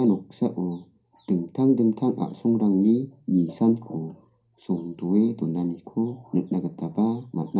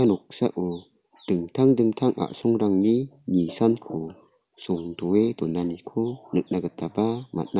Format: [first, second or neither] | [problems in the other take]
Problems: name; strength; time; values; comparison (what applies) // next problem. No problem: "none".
second | room echo; dies away in 0.3 s